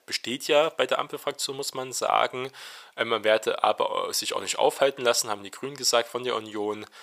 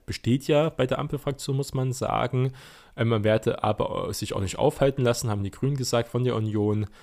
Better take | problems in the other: second | thin; very; fading below 600 Hz

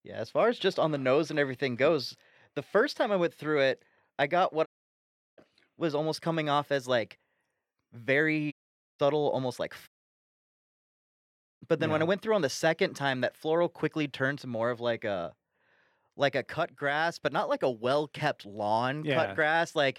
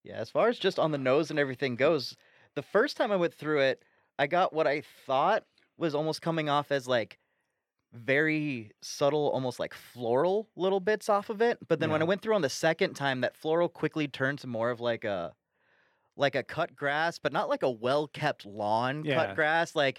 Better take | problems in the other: second | audio cutting out; at 4.5 s for 0.5 s, at 8.5 s and at 10 s for 1.5 s

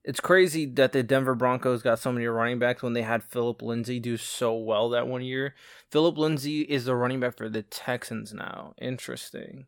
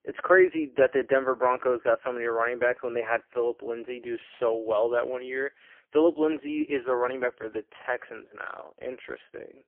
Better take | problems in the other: first | phone-call audio; poor line; nothing above 3 kHz

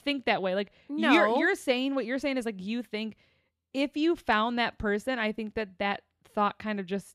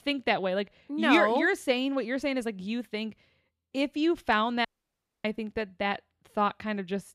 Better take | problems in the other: first | audio cutting out; at 4.5 s for 0.5 s

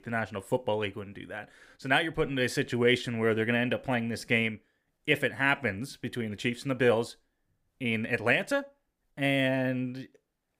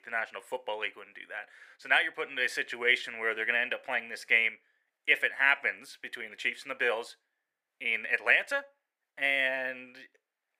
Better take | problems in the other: first | thin; very; fading below 650 Hz

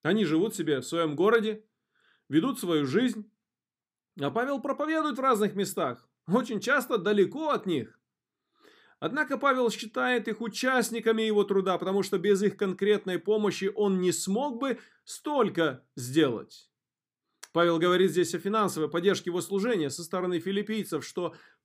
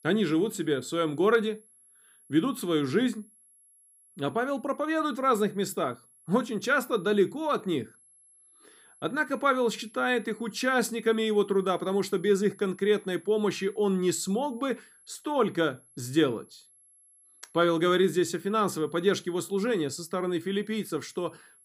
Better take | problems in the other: first | high-pitched whine; faint; throughout; 11 kHz, 30 dB below the speech

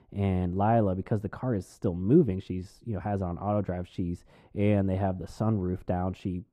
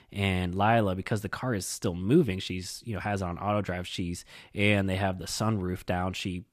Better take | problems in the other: second | muffled; very; fading above 1.5 kHz

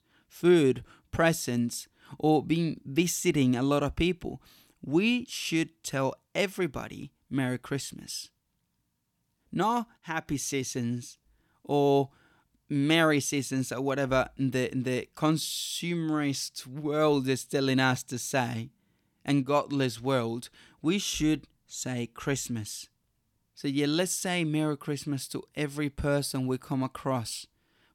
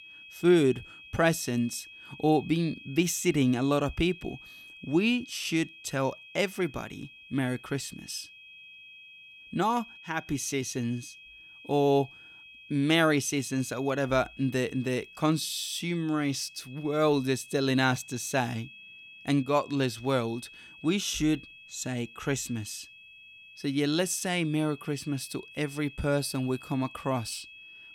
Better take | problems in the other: first | high-pitched whine; noticeable; throughout; 2.5 kHz, 20 dB below the speech

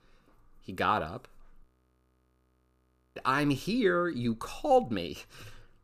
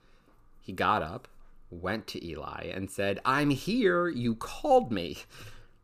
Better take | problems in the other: second | audio freezing; at 1.5 s for 1.5 s

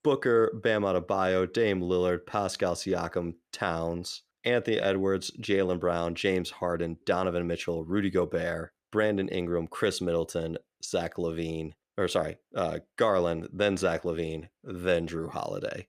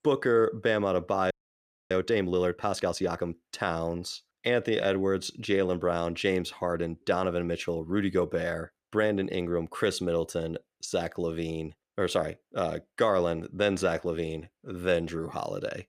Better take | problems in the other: first | audio freezing; at 1.5 s for 0.5 s

